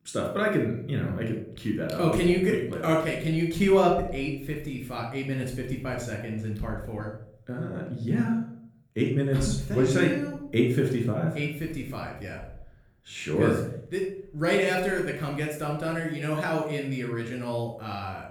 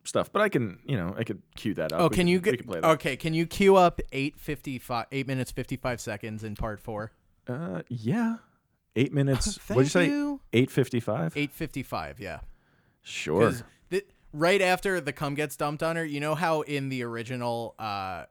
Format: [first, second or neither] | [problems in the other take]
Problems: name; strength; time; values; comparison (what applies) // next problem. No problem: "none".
second | off-mic speech; somewhat distant // room echo; noticeable; dies away in 0.5 s